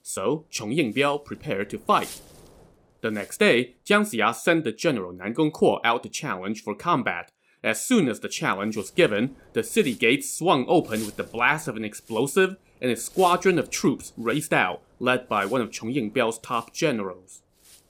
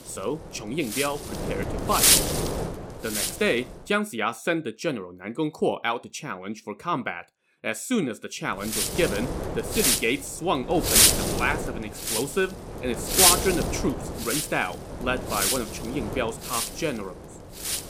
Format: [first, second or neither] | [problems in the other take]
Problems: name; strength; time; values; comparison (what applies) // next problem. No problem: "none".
first | wind noise on the microphone; heavy; until 4 s and from 8.5 s on; 3 dB above the speech; occasional gusts in the first